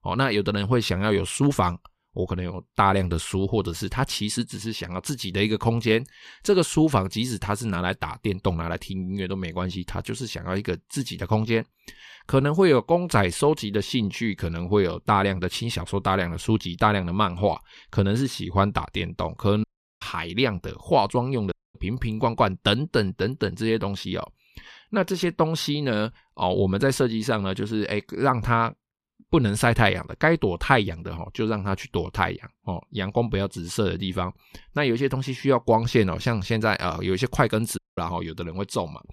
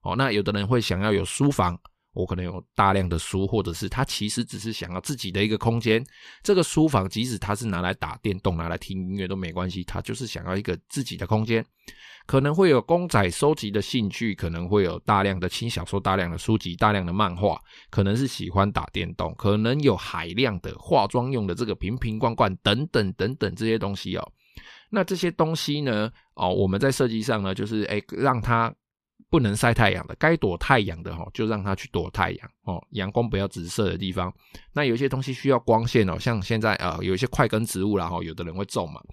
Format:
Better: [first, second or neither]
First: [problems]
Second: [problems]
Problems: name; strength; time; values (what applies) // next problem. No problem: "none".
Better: second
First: audio cutting out; at 20 s, at 22 s and at 38 s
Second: none